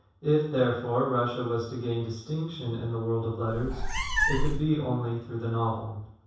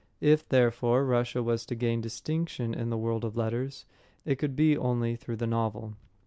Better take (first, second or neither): second